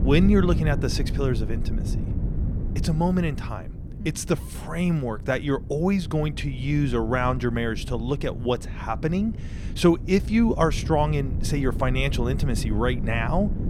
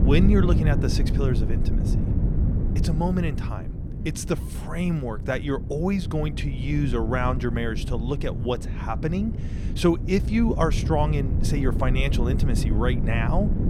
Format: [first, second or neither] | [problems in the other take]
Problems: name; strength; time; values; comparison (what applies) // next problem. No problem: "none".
first | wind noise on the microphone; heavy; 9 dB below the speech; occasional gusts in the first